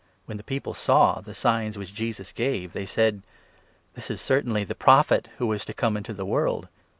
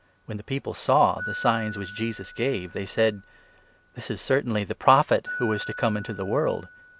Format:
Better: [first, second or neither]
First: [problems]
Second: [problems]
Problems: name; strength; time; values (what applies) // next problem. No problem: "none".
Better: first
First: none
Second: background sound (Glockenspiel); 14 dB below the speech